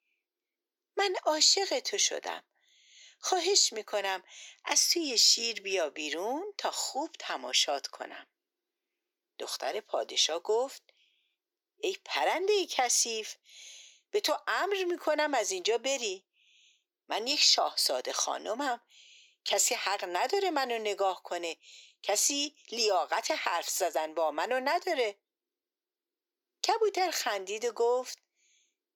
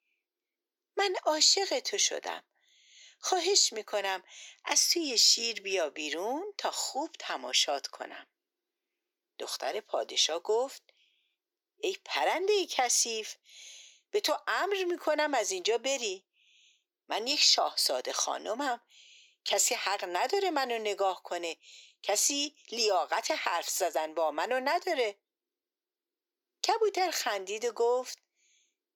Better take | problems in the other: neither | thin; very; fading below 350 Hz; the same in both

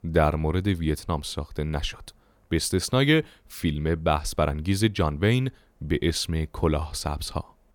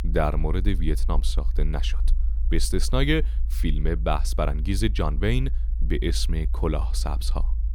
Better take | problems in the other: first | low rumble; noticeable; throughout; 20 dB below the speech

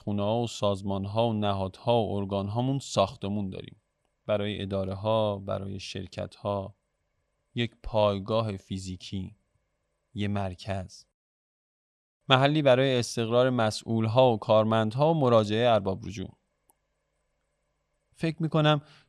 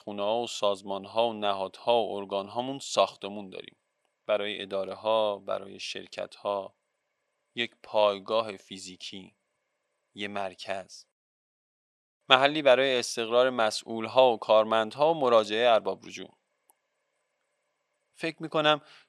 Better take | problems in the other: first | thin; somewhat; fading below 400 Hz

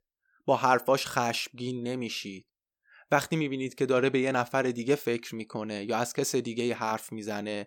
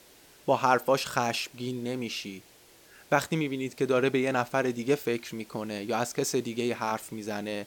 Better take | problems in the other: first | hiss; faint; throughout; 25 dB below the speech

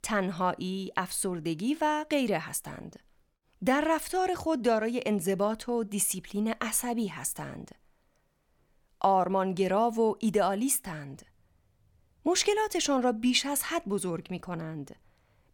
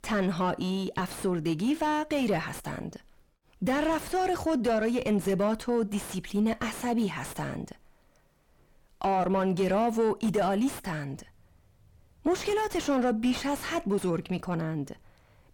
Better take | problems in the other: first | distortion; heavy; 6 dB below the speech

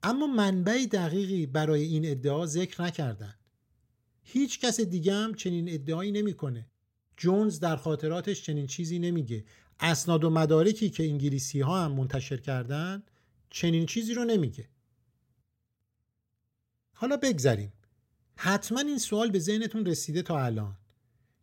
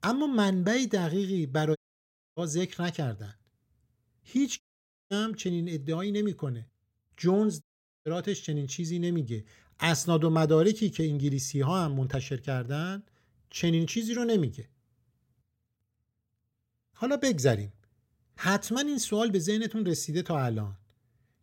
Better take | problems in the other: first | audio cutting out; at 2 s for 0.5 s, at 4.5 s for 0.5 s and at 7.5 s

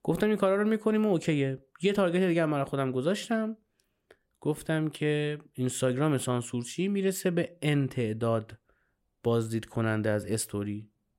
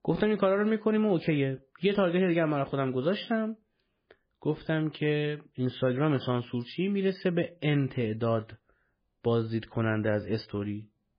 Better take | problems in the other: first | garbled, watery; badly; nothing above 5 kHz

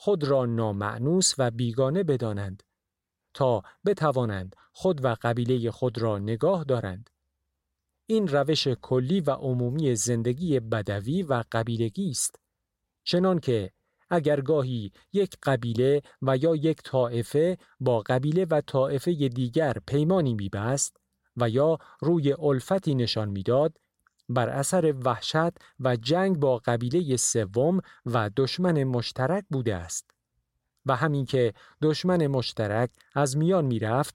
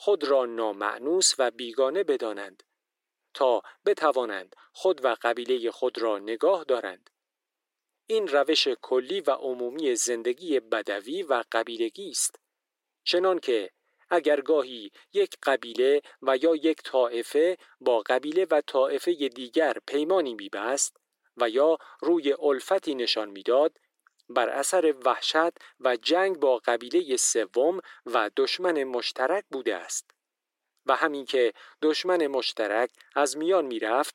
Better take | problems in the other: first | thin; very; fading below 300 Hz

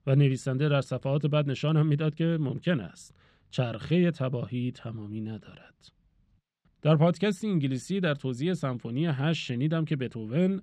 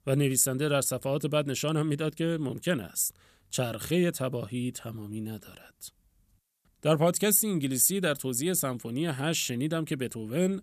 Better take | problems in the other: second | muffled; very; fading above 4 kHz

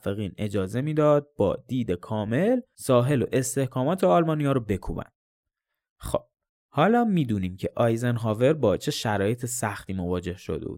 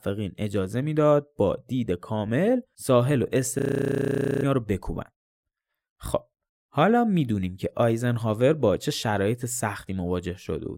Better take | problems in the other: first | audio freezing; at 3.5 s for 1 s

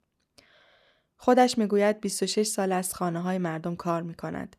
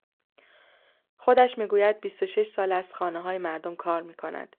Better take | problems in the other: first | phone-call audio

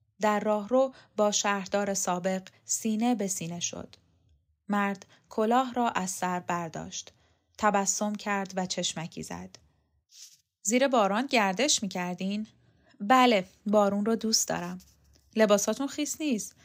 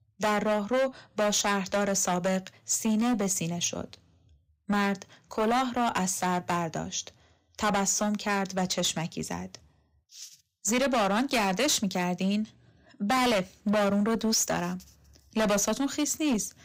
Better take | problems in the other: first | distortion; heavy; 13% of the sound clipped

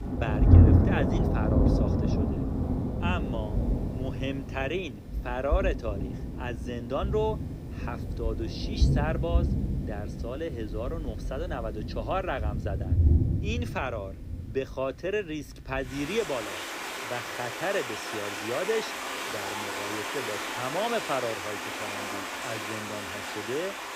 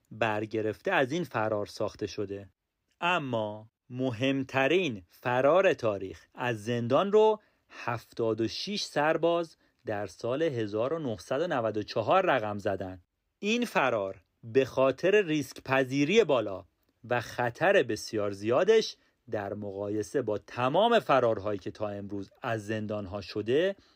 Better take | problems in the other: second | rain or running water; very loud; throughout; 5 dB above the speech

